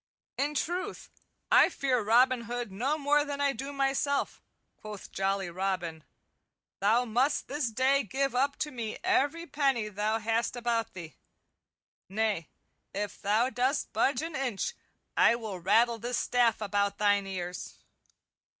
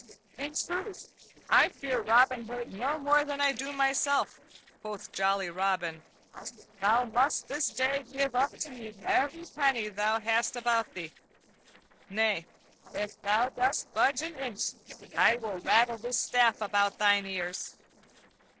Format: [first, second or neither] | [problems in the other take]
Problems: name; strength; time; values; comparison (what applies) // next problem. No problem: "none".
first | noise reduction (neural separator model SepFormer DNS4)